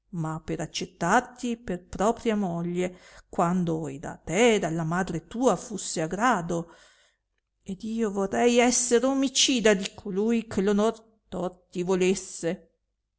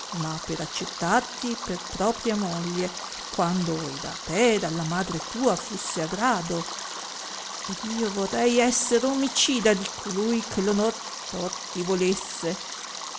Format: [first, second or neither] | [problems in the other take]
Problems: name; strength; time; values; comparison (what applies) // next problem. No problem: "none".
first | background sound (Stream); 9 dB below the speech